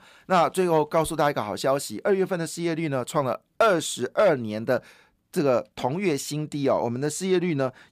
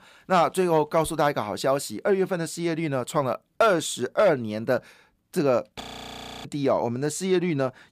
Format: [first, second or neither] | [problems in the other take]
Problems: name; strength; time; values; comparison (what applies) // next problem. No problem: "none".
first | audio freezing; at 6 s for 0.5 s